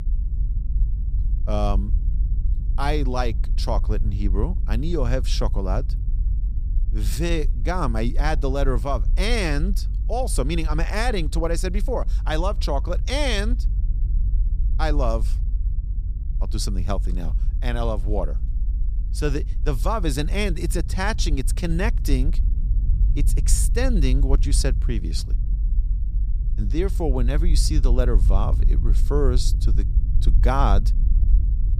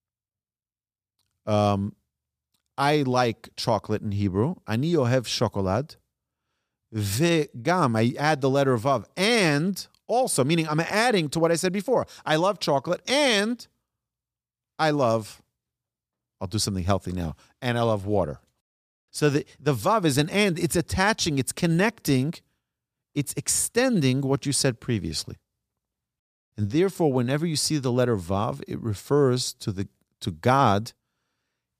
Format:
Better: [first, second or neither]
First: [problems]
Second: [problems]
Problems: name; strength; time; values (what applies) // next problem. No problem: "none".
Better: second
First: low rumble; noticeable; throughout; 15 dB below the speech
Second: none